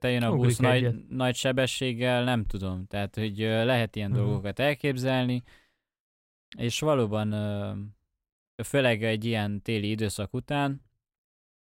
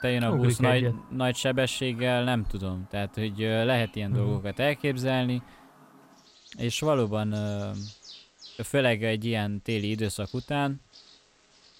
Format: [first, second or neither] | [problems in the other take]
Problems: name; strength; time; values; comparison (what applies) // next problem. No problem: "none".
first | animal sounds; faint; throughout; 25 dB below the speech